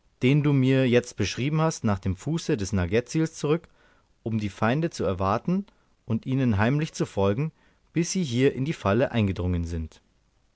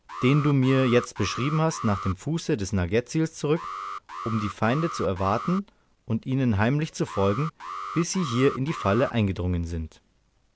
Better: first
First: none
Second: background sound (Alarm); 12 dB below the speech

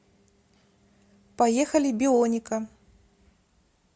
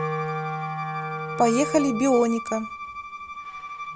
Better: first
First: none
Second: background sound (Bowed string instrument + Wind instrument, woodwind instrument); 5 dB below the speech

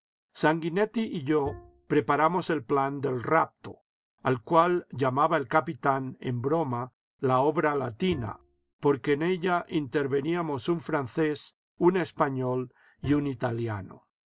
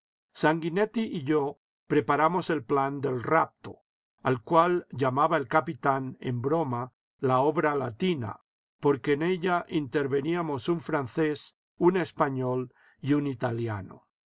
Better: second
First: background sound (Bowed string instrument); 16 dB below the speech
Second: none

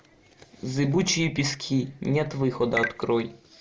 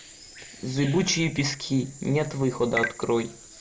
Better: first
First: none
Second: background sound (Bird vocalization, bird call, bird song); 19 dB below the speech

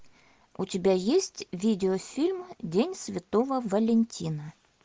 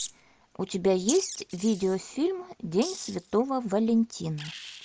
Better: first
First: none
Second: background sound (Wild animals); 14 dB below the speech

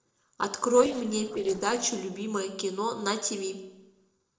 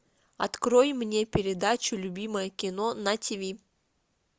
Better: second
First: noise reduction (neural separator model SepFormer DNS4)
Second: none

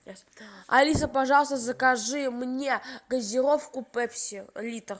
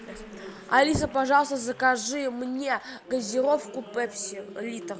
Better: first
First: none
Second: background sound (Applause); 16 dB below the speech

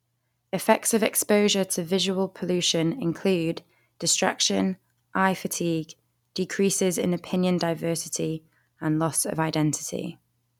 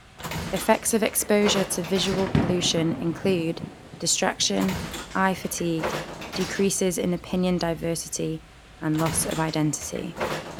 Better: first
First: none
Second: background sound (Train + Thunder / Rain); 8 dB below the speech

